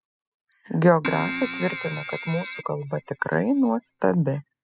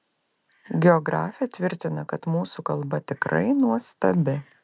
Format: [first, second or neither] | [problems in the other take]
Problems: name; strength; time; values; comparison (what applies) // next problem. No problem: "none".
second | noise reduction (classical method spectral subtraction)